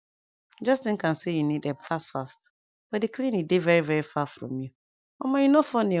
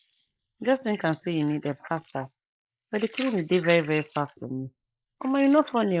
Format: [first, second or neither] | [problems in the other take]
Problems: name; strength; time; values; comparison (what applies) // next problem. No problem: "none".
first | noise reduction (neural mask model Resemble Enhance denoiser)